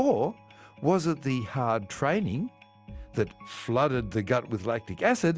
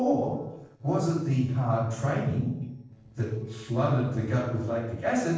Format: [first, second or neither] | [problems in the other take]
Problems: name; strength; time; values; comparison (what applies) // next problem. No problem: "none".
first | noise reduction (neural separator model SepFormer DNS4)